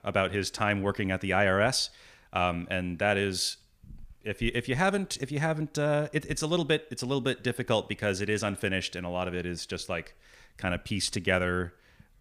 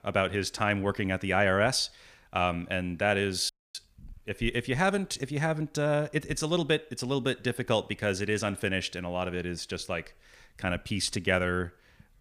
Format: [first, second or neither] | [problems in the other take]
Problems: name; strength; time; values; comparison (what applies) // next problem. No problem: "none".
first | audio freezing; at 3.5 s